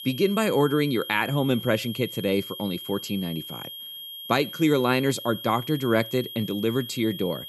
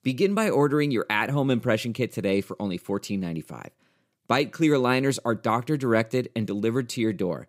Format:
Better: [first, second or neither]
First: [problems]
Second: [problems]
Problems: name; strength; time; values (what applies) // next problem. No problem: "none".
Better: second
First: high-pitched whine; noticeable; throughout; 3 kHz, 10 dB below the speech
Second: none